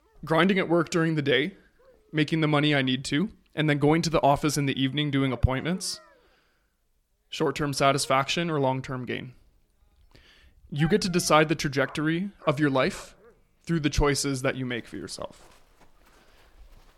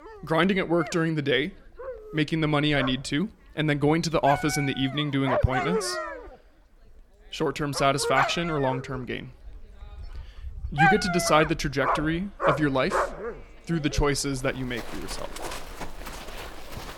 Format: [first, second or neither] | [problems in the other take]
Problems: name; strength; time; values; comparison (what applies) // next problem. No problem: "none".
first | animal sounds; loud; throughout; 5 dB below the speech; faint in the first